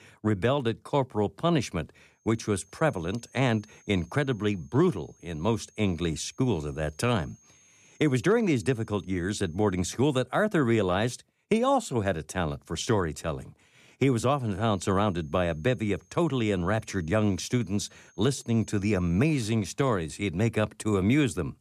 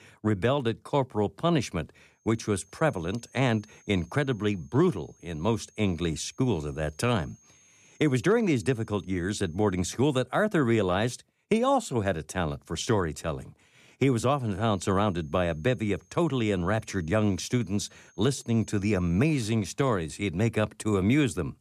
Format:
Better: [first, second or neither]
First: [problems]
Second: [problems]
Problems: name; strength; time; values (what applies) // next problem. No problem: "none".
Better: neither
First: high-pitched whine; faint; from 2 to 10 s and from 14 to 20 s; 6.5 kHz, 30 dB below the speech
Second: high-pitched whine; faint; from 2 to 10 s and from 14 to 20 s; 6.5 kHz, 30 dB below the speech